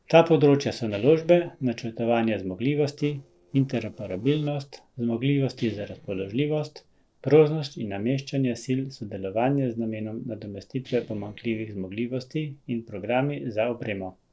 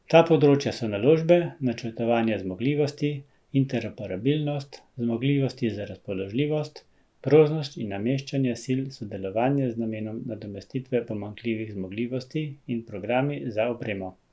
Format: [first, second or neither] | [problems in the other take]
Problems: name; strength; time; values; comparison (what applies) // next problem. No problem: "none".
second | noise reduction (neural separator model SepFormer DNS4)